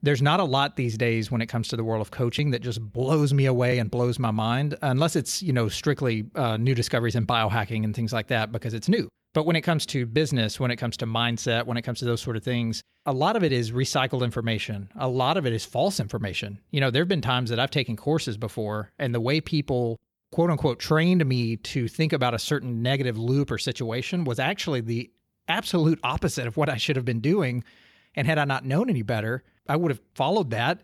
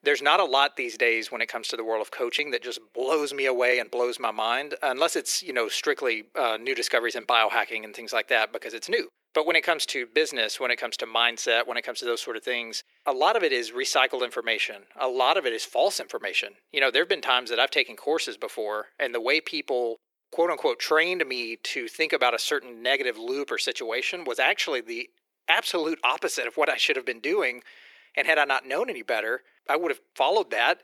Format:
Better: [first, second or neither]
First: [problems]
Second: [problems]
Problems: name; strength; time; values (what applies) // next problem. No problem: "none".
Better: first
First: none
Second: thin; very; fading below 350 Hz